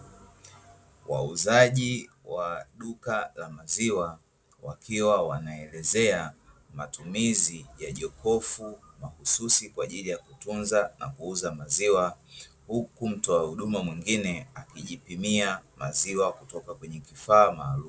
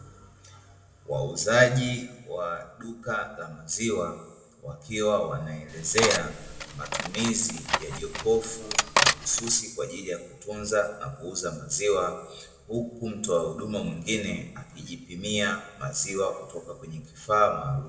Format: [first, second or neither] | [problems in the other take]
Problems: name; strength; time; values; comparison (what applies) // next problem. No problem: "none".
first | background sound (Cutlery, silverware); as loud as the speech // room echo; dies away in 0.7 s